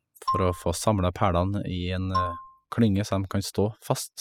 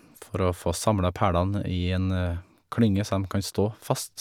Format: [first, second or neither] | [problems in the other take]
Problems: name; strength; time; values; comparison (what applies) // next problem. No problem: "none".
second | noise reduction (classical method spectral subtraction)